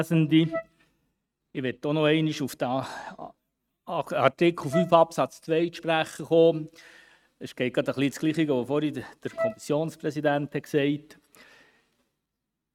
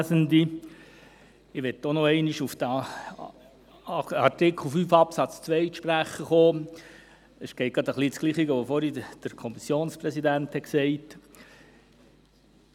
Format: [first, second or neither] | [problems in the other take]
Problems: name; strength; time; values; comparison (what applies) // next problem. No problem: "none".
second | noise reduction (neural mask model RNNoise)